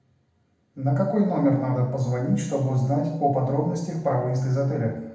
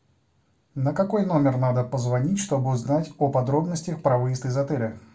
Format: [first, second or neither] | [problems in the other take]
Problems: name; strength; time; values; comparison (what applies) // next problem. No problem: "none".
second | room echo; dies away in 0.8 s